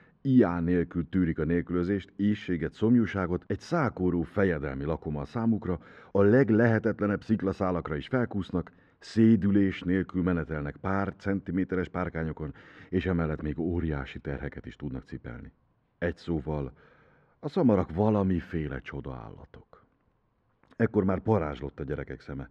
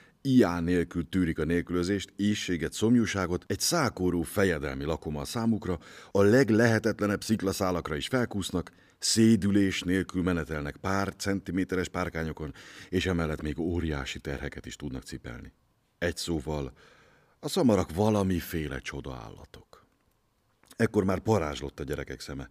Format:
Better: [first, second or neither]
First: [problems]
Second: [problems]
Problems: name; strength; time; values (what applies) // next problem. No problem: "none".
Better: second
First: muffled; very; fading above 2 kHz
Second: none